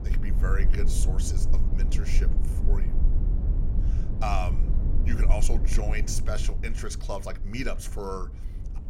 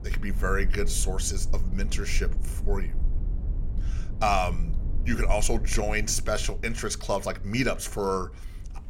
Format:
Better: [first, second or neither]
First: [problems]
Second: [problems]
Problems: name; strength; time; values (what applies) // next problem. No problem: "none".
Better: second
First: low rumble; loud; throughout; 9 dB below the speech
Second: low rumble; faint; throughout; 20 dB below the speech